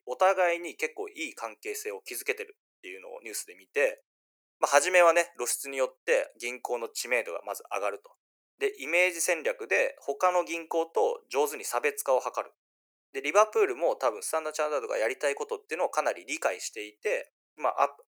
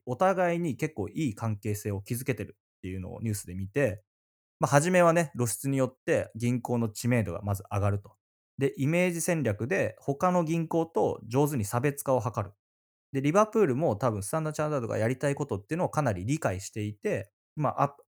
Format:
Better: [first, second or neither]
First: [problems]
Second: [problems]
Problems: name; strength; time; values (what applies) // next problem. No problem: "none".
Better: second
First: thin; very; fading below 400 Hz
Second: none